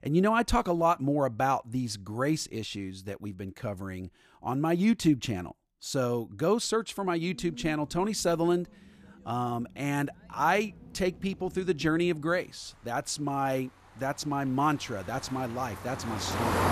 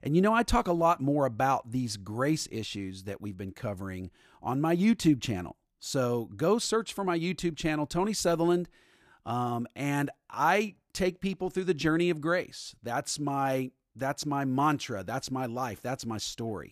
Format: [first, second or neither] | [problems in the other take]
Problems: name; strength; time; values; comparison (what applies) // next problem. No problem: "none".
second | traffic noise; noticeable; from 7.5 s on; 10 dB below the speech